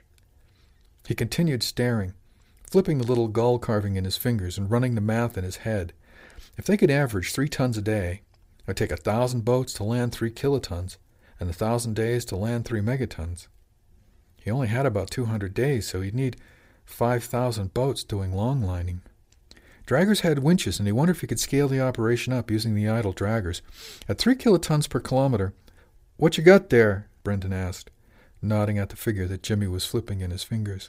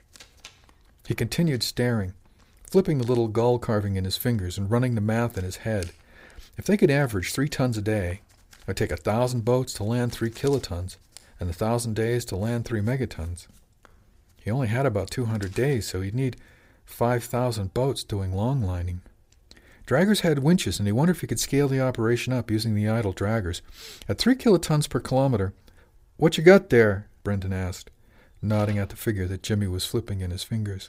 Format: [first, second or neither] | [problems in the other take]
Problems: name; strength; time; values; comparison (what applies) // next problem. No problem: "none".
first | household noises; faint; throughout; 25 dB below the speech